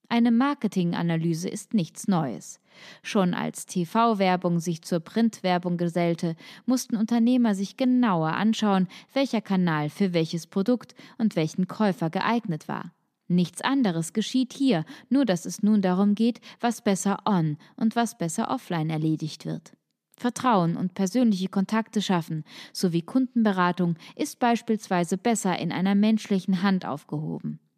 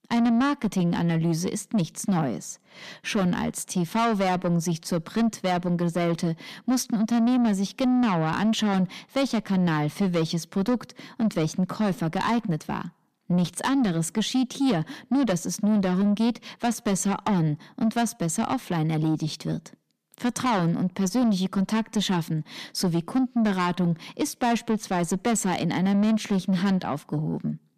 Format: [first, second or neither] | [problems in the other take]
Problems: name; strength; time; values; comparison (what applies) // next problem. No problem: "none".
first | distortion; slight; 10 dB below the speech